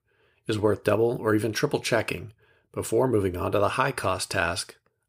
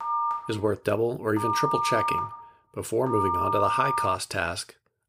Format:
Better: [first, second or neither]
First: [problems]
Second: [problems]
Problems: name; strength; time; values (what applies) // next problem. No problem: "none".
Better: first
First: none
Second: phone ringing; loud; until 4 s; peak 3 dB above the speech